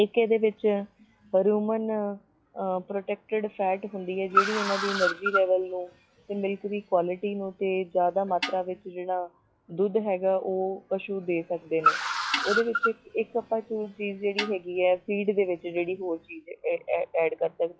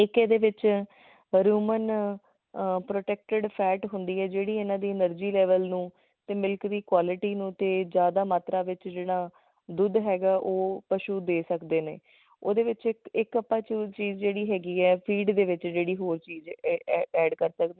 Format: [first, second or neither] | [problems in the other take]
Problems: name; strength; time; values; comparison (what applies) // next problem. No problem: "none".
second | noise reduction (classical method log-MMSE)